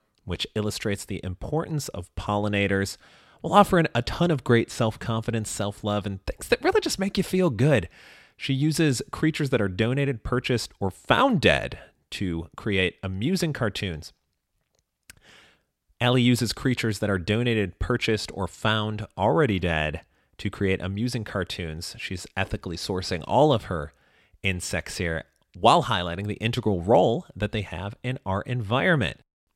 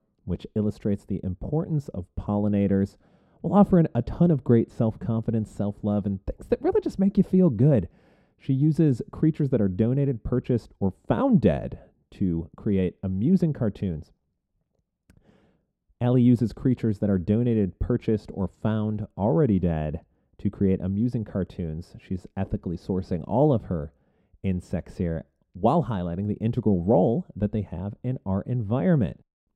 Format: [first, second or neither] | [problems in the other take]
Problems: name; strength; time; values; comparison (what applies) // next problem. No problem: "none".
first | muffled; very; fading above 1 kHz